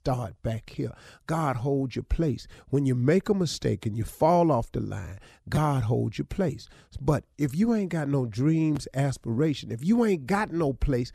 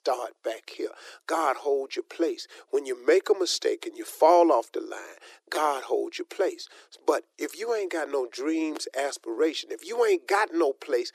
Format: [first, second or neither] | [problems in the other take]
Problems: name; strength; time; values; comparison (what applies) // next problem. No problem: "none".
first | thin; very; fading below 350 Hz